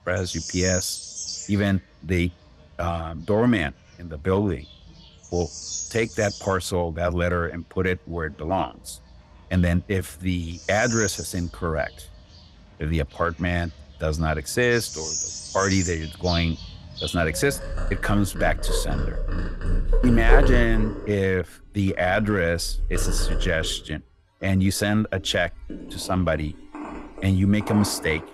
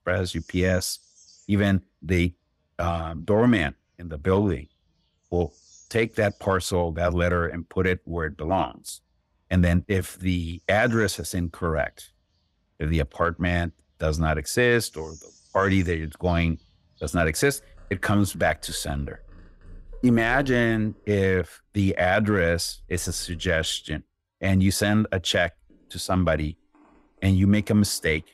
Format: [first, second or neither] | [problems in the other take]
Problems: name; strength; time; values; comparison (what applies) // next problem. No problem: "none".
second | animal sounds; loud; throughout; 5 dB below the speech; faint in the second